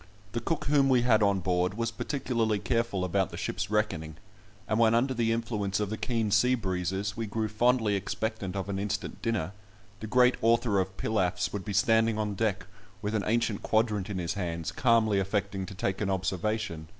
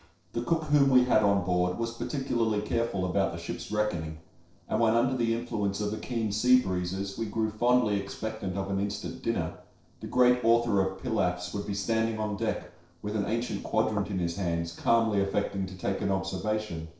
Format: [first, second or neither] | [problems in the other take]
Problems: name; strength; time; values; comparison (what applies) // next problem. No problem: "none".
first | noise reduction (neural separator model SepFormer DNS4)